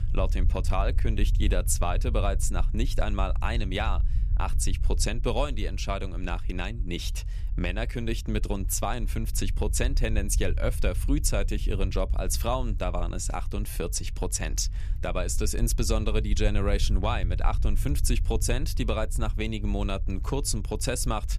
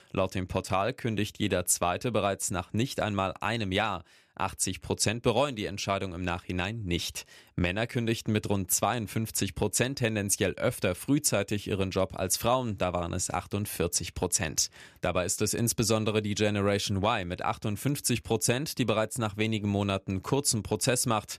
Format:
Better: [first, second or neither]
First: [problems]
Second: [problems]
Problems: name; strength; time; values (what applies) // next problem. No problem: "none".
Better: second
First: low rumble; noticeable; throughout; 20 dB below the speech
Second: none